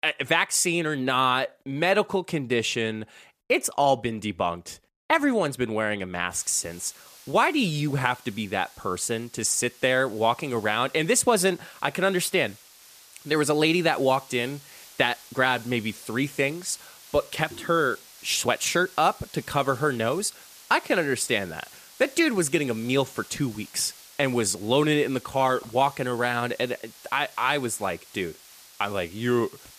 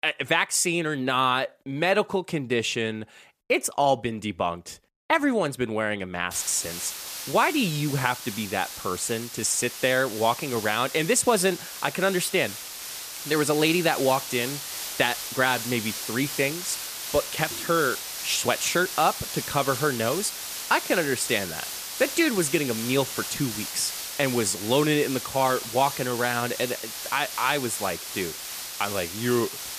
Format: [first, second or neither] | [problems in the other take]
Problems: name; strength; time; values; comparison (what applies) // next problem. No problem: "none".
first | hiss; loud; from 6.5 s on; 7 dB below the speech; faint in the first